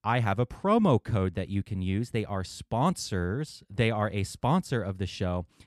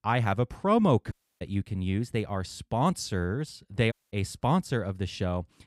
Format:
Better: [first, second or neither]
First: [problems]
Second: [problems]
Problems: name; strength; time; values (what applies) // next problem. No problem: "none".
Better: first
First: none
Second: audio cutting out; at 1 s and at 4 s